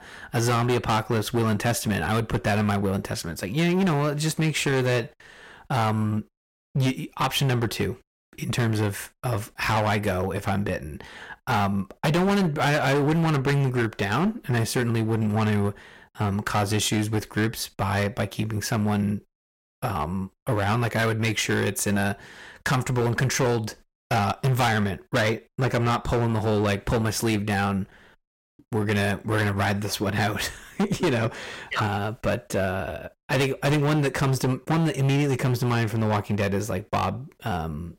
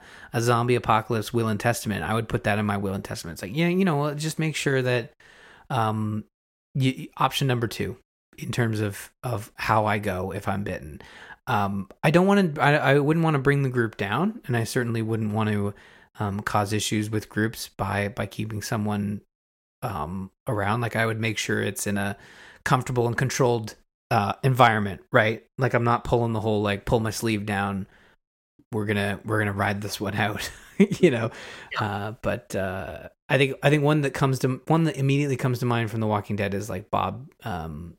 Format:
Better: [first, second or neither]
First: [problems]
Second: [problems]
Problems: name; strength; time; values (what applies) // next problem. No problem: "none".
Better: second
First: distortion; heavy; 14% of the sound clipped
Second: none